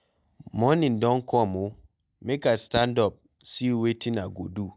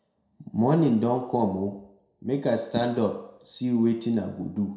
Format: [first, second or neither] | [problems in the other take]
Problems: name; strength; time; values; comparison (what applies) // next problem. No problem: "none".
first | room echo; dies away in 0.6 s